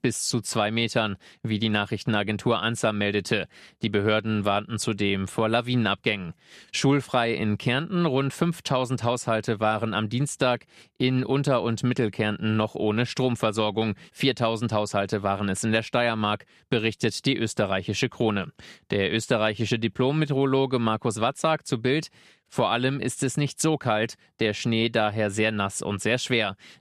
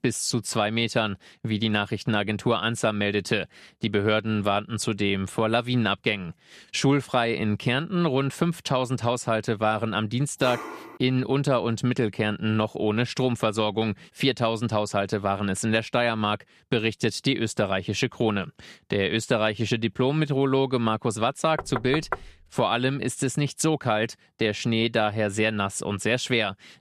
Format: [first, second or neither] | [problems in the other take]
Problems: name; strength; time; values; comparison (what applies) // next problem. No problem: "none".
first | dog barking; noticeable; at 10 s; peak 9 dB below the speech // door banging; noticeable; at 22 s; peak 7 dB below the speech